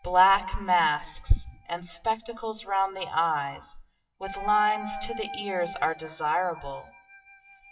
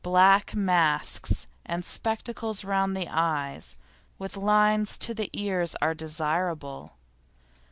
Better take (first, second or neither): second